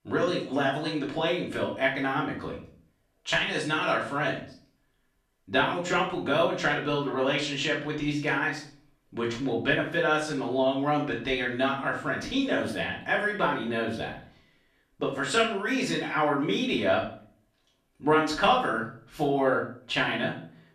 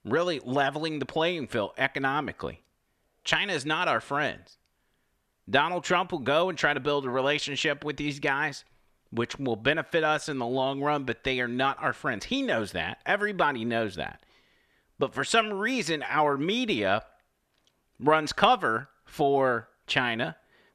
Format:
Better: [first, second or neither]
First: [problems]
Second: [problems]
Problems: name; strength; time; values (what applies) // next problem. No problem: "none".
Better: second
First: off-mic speech; far // room echo; slight; dies away in 0.4 s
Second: none